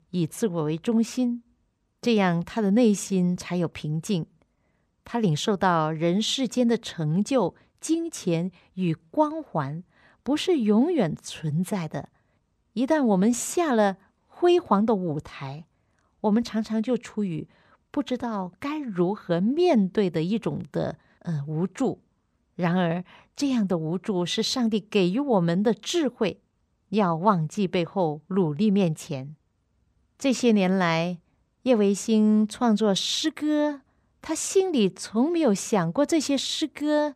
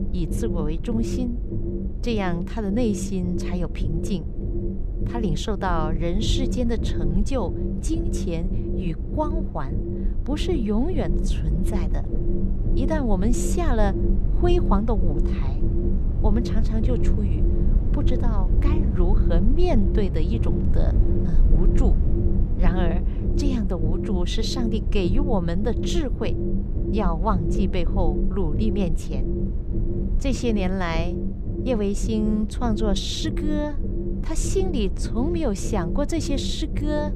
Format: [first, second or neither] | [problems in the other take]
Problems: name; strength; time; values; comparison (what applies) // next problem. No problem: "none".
first | low rumble; loud; throughout; 6 dB below the speech